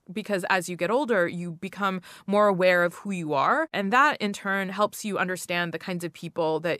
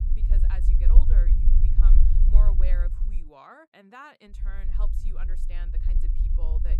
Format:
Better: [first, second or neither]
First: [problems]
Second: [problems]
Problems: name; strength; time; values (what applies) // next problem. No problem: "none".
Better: first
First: none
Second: low rumble; loud; until 3 s and from 4.5 s on; 2 dB below the speech